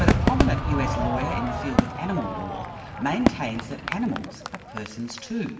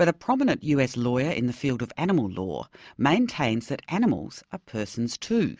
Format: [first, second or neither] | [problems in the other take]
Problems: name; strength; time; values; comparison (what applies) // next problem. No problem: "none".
second | background sound (Crowd / Fireworks); 3 dB above the speech // room echo; dies away in 1 s